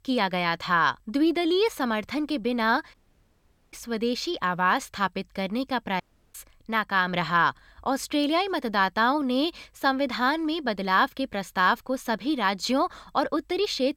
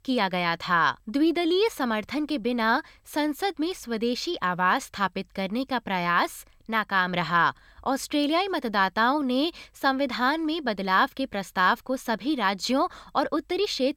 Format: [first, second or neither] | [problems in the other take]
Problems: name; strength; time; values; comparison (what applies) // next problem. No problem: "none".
second | audio cutting out; at 3 s for 1 s and at 6 s